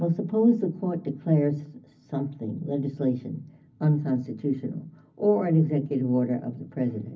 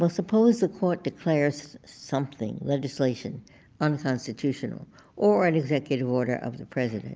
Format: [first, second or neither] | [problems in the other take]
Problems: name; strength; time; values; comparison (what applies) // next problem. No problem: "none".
second | room echo; dies away in 0.4 s